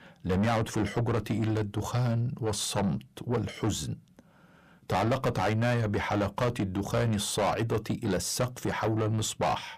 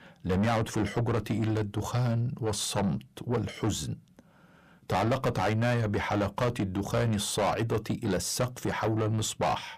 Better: neither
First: distortion; heavy; 6 dB below the speech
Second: distortion; heavy; 6 dB below the speech

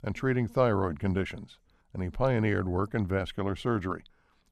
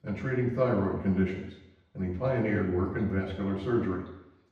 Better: first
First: none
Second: room echo; noticeable; dies away in 0.9 s // off-mic speech; far

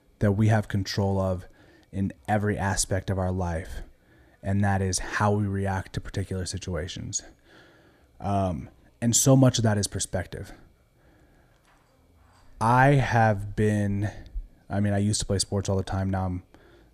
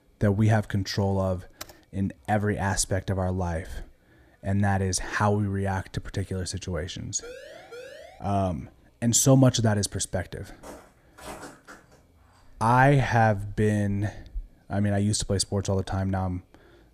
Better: first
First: none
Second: keyboard typing; faint; at 1.5 s; peak 20 dB below the speech // siren; faint; at 7 s; peak 15 dB below the speech // footsteps; faint; from 11 to 12 s; peak 15 dB below the speech

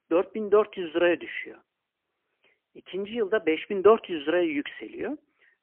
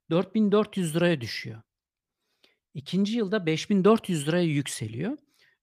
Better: second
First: phone-call audio; poor line; nothing above 3 kHz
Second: none

